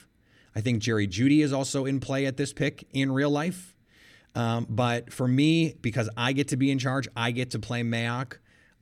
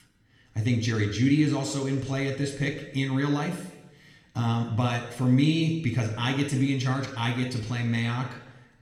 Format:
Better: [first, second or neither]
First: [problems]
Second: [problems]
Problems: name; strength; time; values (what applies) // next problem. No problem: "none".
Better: first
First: none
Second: room echo; slight; dies away in 0.9 s